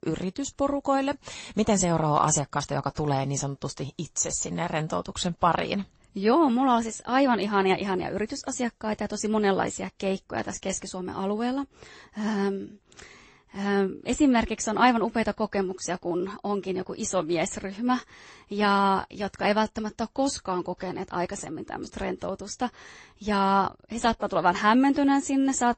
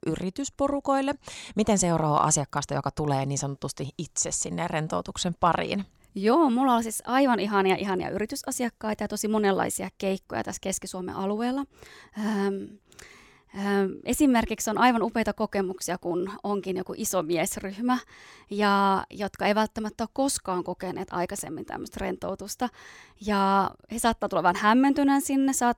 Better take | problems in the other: second | garbled, watery; slightly; nothing above 8 kHz

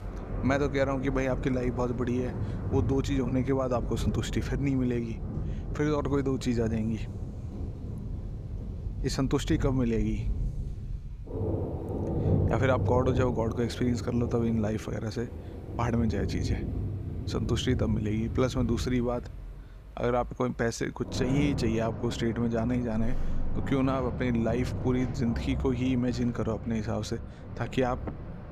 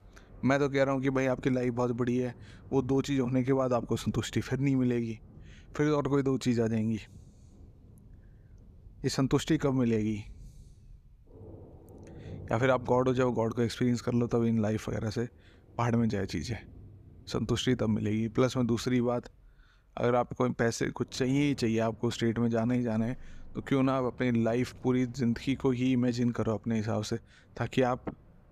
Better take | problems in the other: second | rain or running water; loud; throughout; 5 dB below the speech; faint in the second

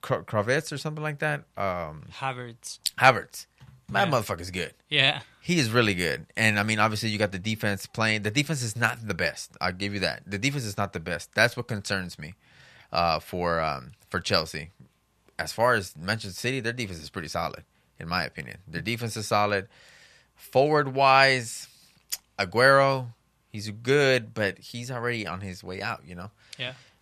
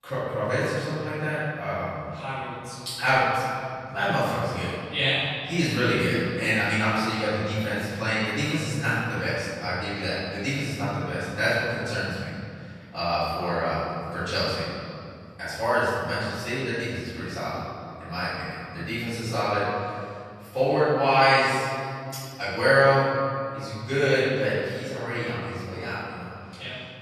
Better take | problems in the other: first | off-mic speech; far // room echo; strong; dies away in 2.3 s

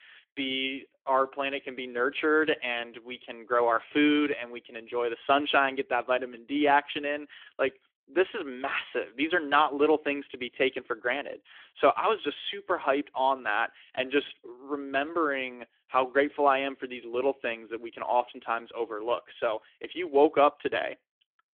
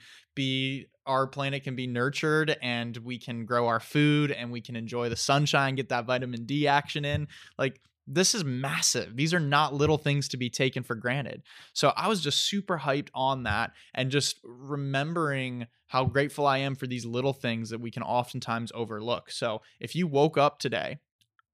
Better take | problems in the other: second | phone-call audio; nothing above 3.5 kHz

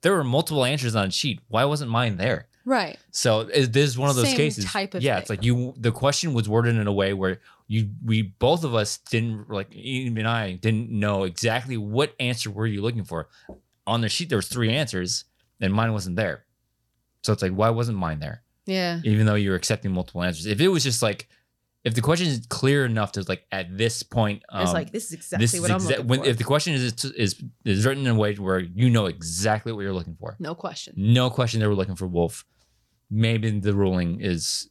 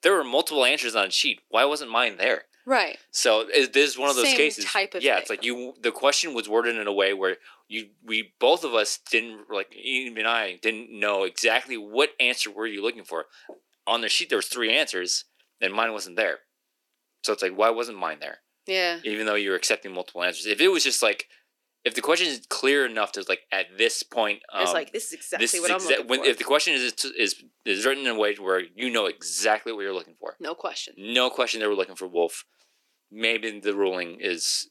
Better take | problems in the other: first | thin; very; fading below 300 Hz

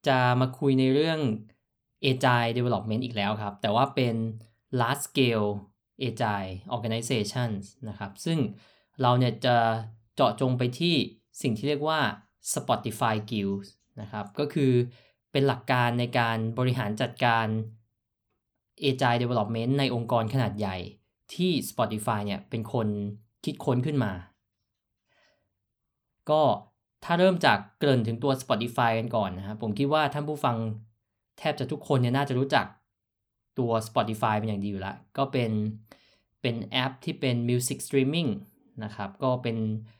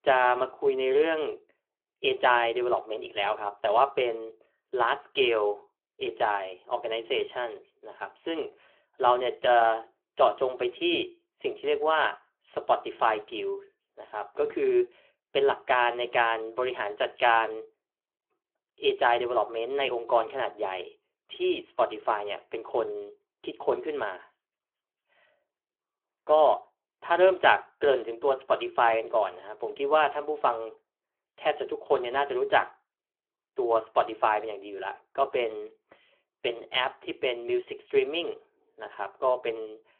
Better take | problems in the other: first | phone-call audio; nothing above 3.5 kHz

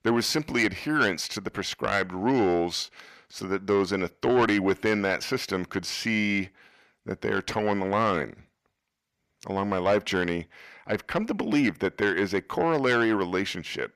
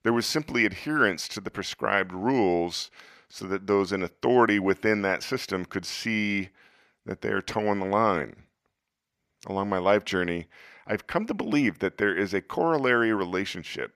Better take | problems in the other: second | distortion; slight; 10 dB below the speech

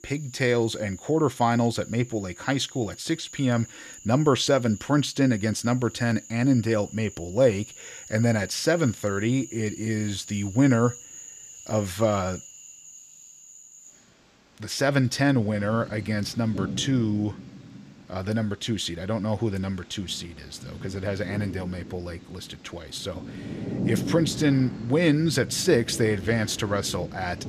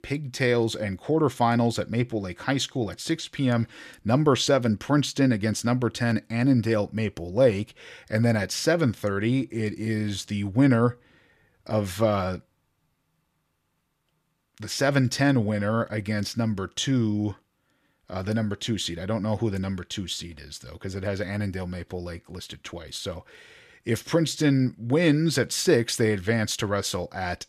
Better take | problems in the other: second | animal sounds; noticeable; throughout; 15 dB below the speech

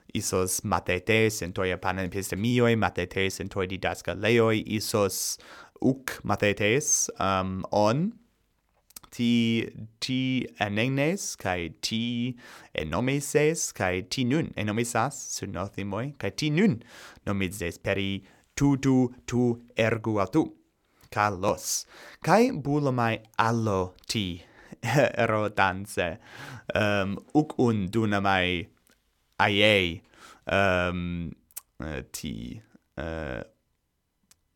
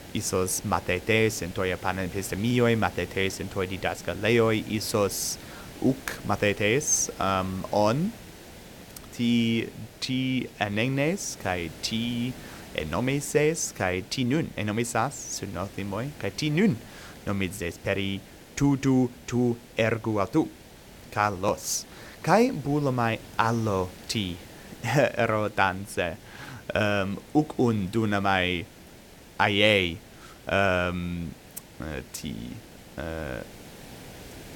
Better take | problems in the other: first | hiss; noticeable; throughout; 20 dB below the speech

